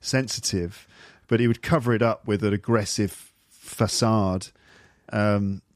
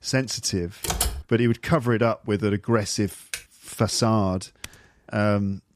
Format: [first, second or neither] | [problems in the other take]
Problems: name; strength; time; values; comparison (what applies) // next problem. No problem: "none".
first | keyboard typing; noticeable; at 1 s; peak 1 dB below the speech // keyboard typing; faint; at 3.5 s; peak 10 dB below the speech // keyboard typing; very faint; at 4.5 s; peak 20 dB below the speech